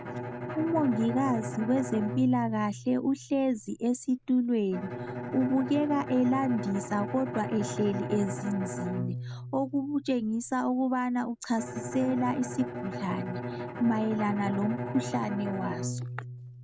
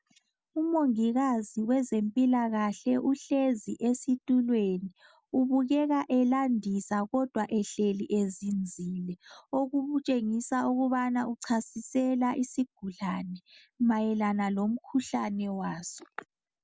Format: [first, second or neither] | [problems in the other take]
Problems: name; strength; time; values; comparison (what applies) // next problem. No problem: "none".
second | background sound (Bowed string instrument); 7 dB below the speech